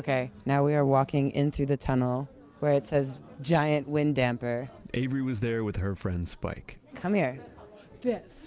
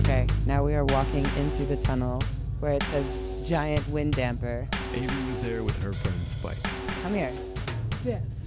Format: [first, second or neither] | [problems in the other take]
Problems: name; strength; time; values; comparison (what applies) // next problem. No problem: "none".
first | background sound (Bass drum / Snare drum / Drum kit + Bass guitar); 1 dB above the speech